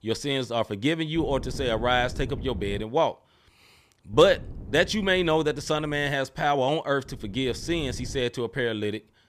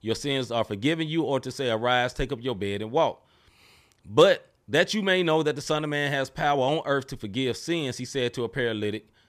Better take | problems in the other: second | wind noise on the microphone; occasional gusts; from 1 to 3 s, from 4 to 6 s and from 7 to 8 s; 25 dB below the speech

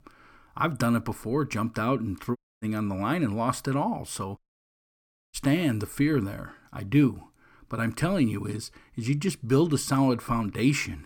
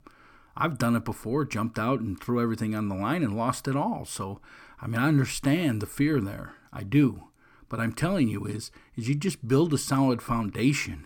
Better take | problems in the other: second | audio cutting out; at 2.5 s and at 4.5 s for 1 s

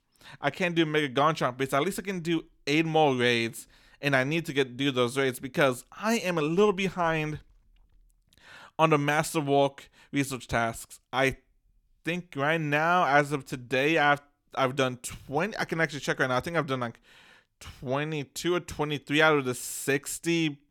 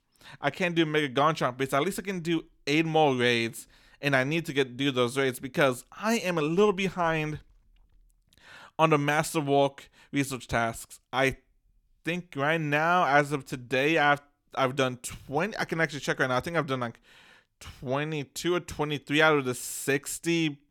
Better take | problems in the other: neither | none

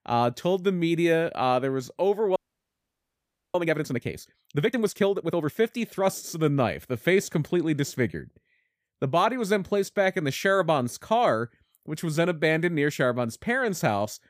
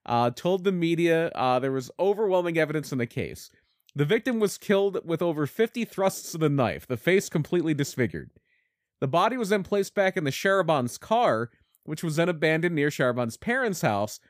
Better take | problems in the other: second | audio freezing; at 2.5 s for 1 s

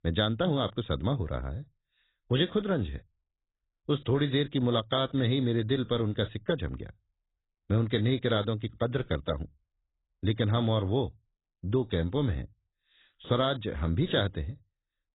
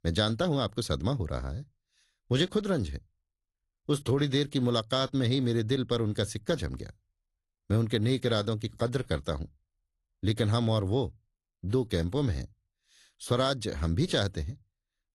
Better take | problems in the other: second | garbled, watery; badly; nothing above 4 kHz; slightly in the second

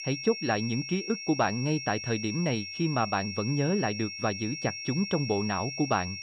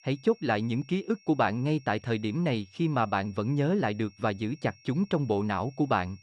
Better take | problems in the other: second | high-pitched whine; loud; throughout; 5.5 kHz, 6 dB below the speech; faint in the second

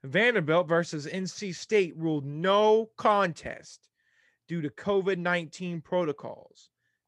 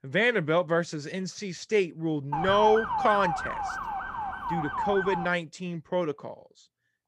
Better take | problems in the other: first | siren; loud; from 2.5 to 5.5 s; peak level with the speech

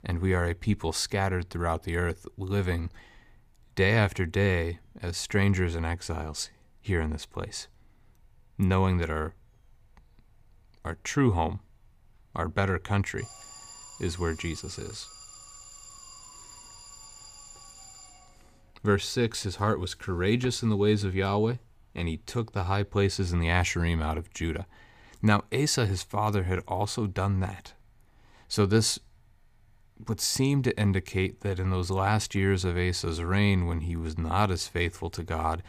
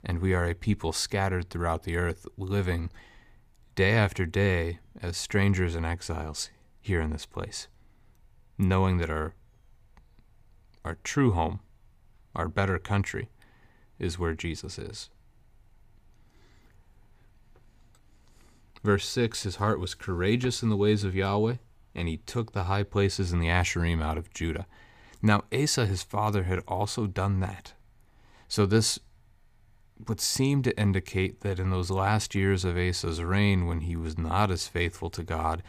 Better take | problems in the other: second | alarm; faint; from 13 to 18 s; peak 15 dB below the speech

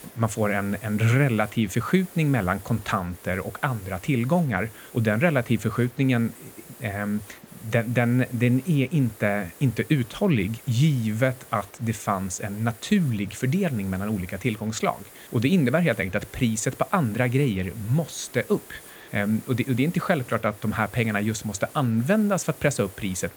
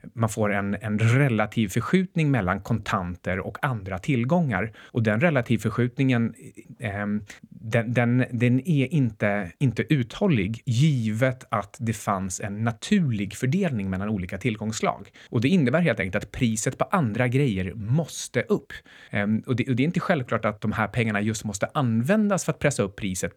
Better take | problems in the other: second | hiss; noticeable; throughout; 20 dB below the speech

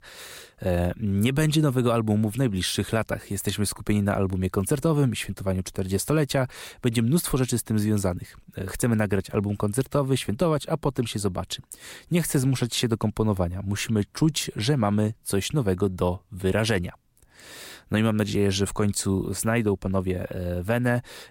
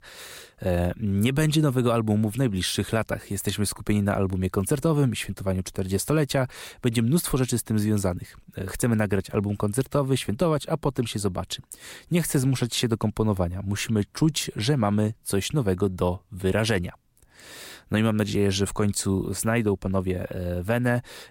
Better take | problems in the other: neither | none

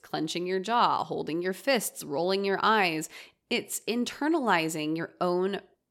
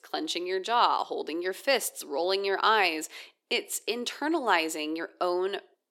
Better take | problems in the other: first | thin; somewhat; fading below 300 Hz

